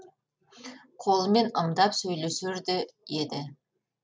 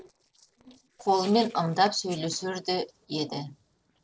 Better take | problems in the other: first | noise reduction (neural separator model SepFormer DNS4)

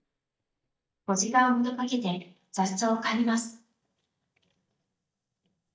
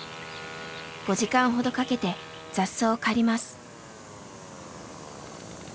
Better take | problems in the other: second | noise reduction (neural mask model DeepFilterNet 3)

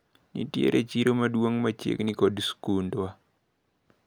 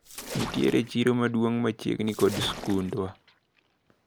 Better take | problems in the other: first | background sound (Splash, splatter); 12 dB below the speech

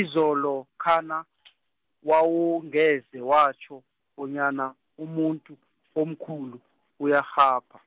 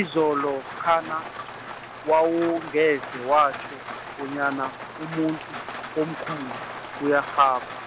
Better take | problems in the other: first | background sound (Rain); 11 dB below the speech

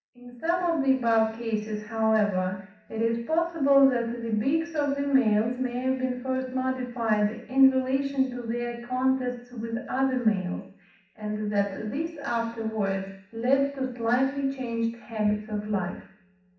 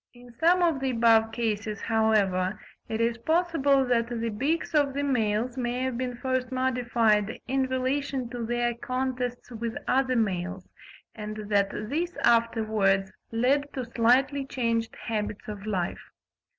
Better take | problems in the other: second | room echo; dies away in 0.7 s

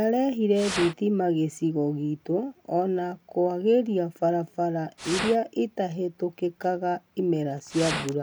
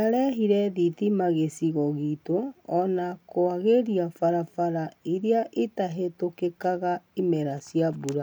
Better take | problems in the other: second | background sound (Fire); 6 dB below the speech

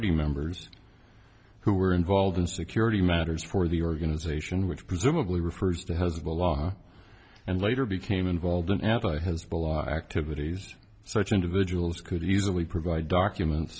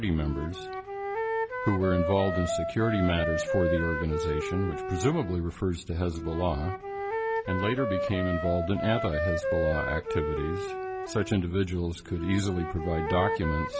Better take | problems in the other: first | background sound (Wind instrument, woodwind instrument); 3 dB below the speech

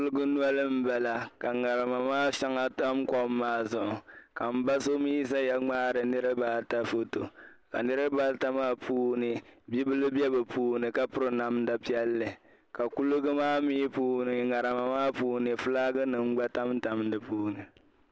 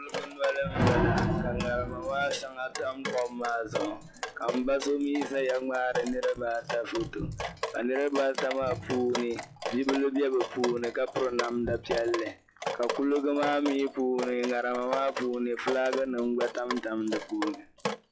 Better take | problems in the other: first | noise reduction (classical method log-MMSE)

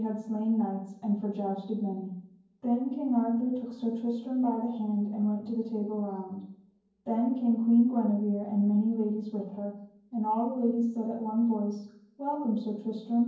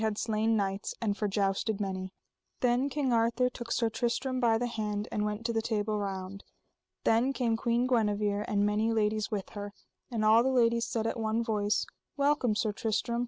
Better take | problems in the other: second | room echo; dies away in 0.9 s

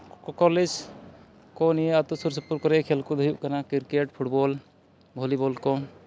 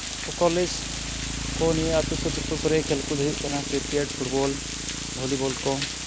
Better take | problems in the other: first | background sound (Motorcycle + Water); 3 dB below the speech

